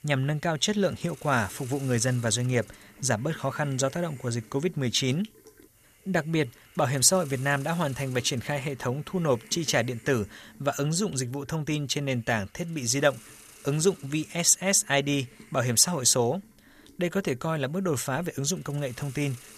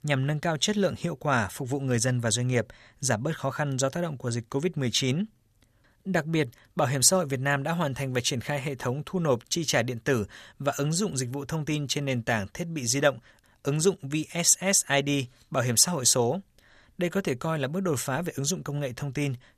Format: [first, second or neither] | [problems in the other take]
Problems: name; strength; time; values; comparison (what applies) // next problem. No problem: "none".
second | hiss; faint; throughout; 25 dB below the speech